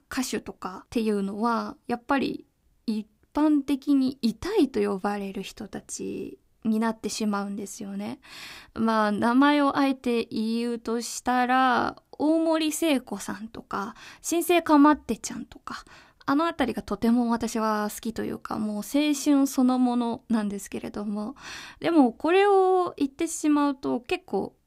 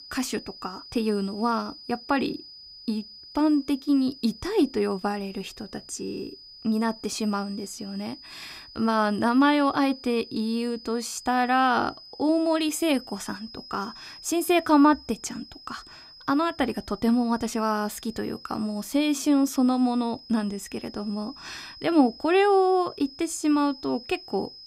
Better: first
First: none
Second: high-pitched whine; noticeable; throughout; 5 kHz, 20 dB below the speech

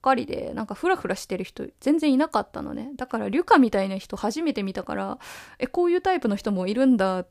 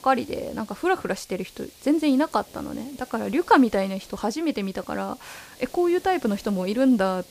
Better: first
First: none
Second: hiss; faint; throughout; 20 dB below the speech

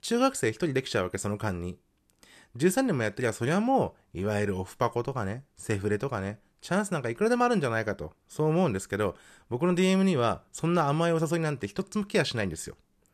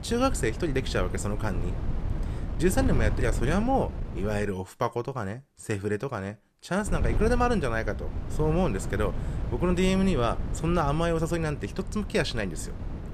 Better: first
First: none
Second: wind noise on the microphone; occasional gusts; until 4.5 s and from 7 s on; 15 dB below the speech

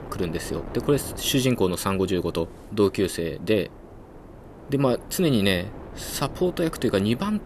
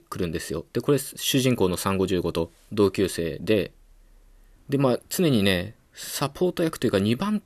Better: second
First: wind noise on the microphone; occasional gusts; 15 dB below the speech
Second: none

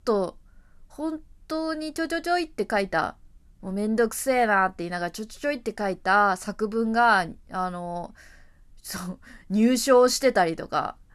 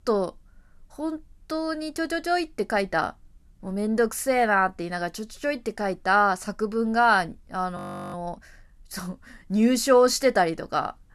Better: first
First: none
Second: audio freezing; at 8 s

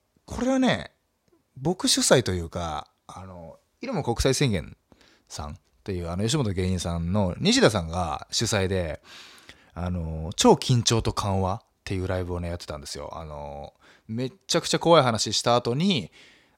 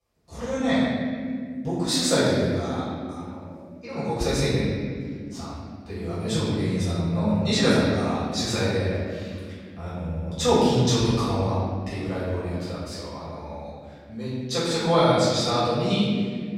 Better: first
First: none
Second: room echo; strong; dies away in 2.3 s // off-mic speech; far

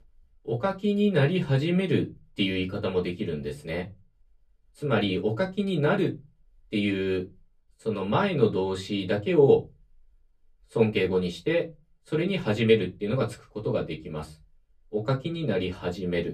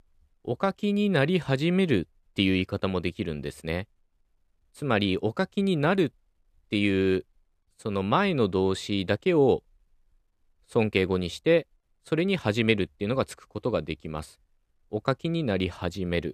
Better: second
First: off-mic speech; far // room echo; very slight; dies away in 0.2 s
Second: none

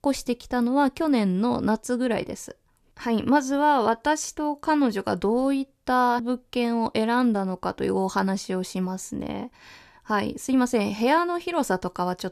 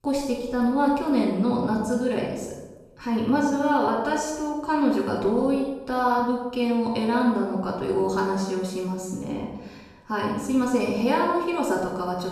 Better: first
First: none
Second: off-mic speech; far // room echo; noticeable; dies away in 1 s

